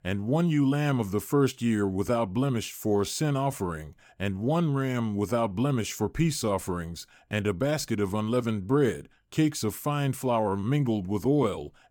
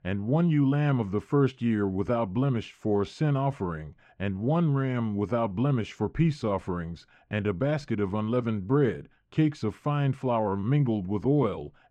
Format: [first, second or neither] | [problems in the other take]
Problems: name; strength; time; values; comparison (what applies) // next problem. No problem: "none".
first | muffled; slightly; fading above 2.5 kHz